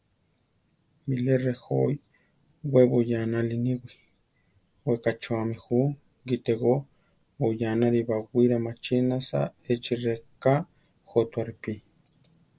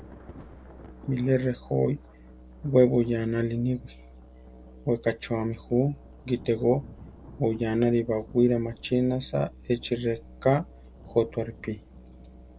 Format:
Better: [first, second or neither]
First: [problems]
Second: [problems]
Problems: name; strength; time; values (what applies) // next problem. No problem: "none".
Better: first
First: none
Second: background sound (Thunder / Rain + Musical instrument); 19 dB below the speech